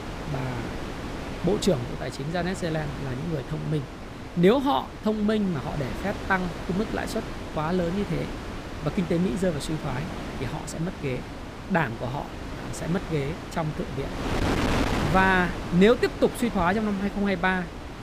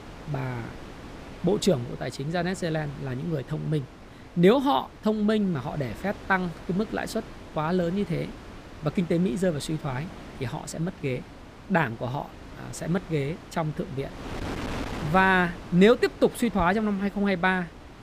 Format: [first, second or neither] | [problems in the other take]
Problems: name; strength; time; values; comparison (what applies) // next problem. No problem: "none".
second | wind noise on the microphone; heavy; 7 dB below the speech; occasional gusts in the second